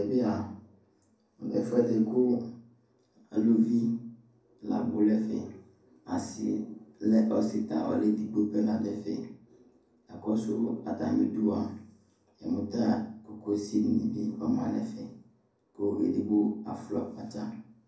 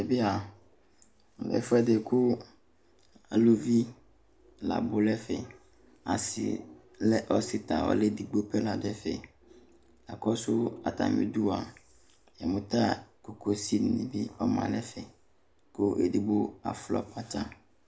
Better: second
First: room echo; dies away in 0.6 s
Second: none

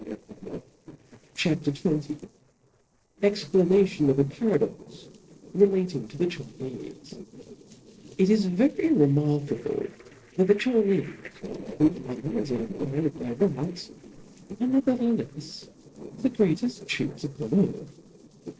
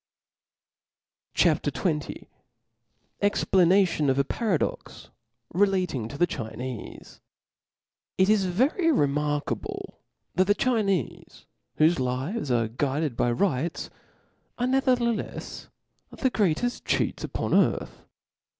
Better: second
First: noise reduction (neural separator model SepFormer DNS4)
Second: none

